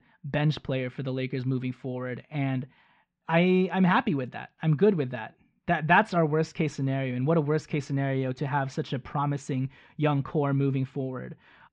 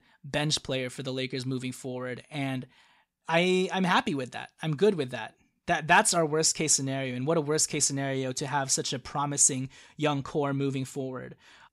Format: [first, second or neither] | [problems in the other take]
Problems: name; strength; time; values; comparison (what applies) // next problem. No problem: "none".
second | muffled; very; fading above 2.5 kHz